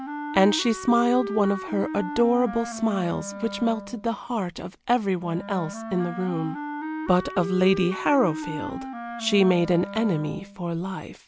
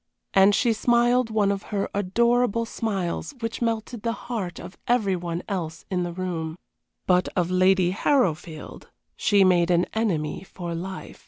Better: second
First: background sound (Wind instrument, woodwind instrument); 10 dB below the speech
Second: none

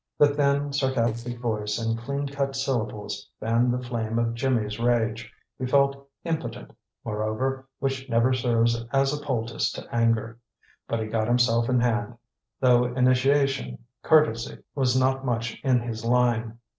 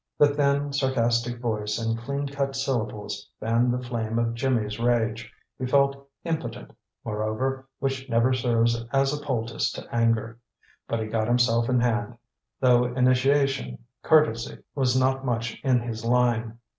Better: second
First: noise reduction (neural separator model SepFormer DNS4)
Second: none

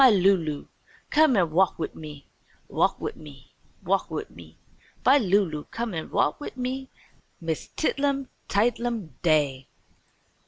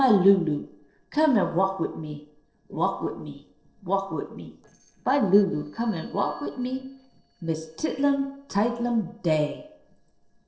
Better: first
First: none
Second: noise reduction (neural separator model SepFormer DNS4)

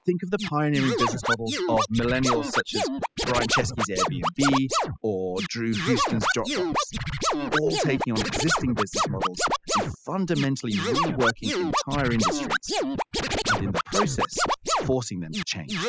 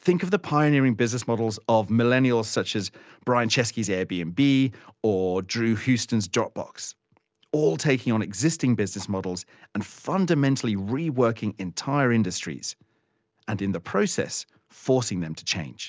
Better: second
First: noise reduction (classical method spectral subtraction)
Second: none

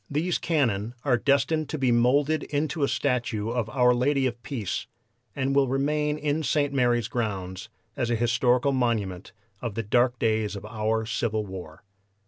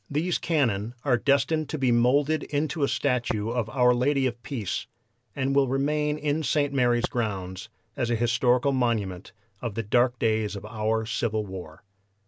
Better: first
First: none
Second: background sound (Tap); 17 dB below the speech

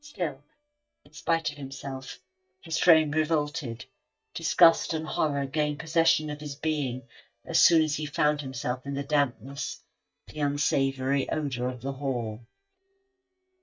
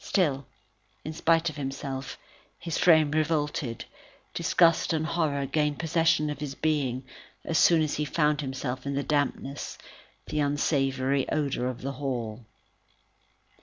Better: second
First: noise reduction (neural mask model DeepFilterNet 3)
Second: none

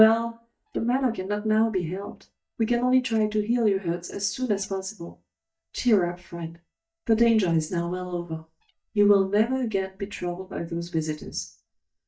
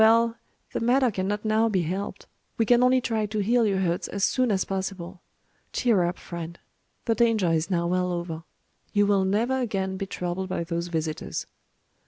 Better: second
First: noise reduction (neural mask model DeepFilterNet 3)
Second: none

